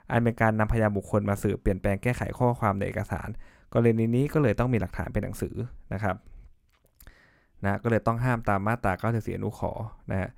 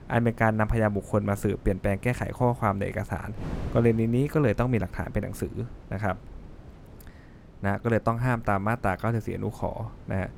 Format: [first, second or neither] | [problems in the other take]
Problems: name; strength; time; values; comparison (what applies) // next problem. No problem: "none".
first | wind noise on the microphone; occasional gusts; 20 dB below the speech